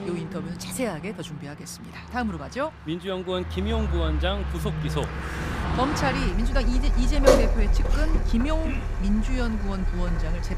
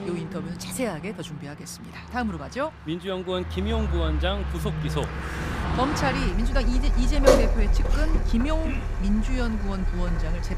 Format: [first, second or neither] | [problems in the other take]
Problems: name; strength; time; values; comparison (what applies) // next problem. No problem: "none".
neither | traffic noise; very loud; throughout; 3 dB above the speech; the same in both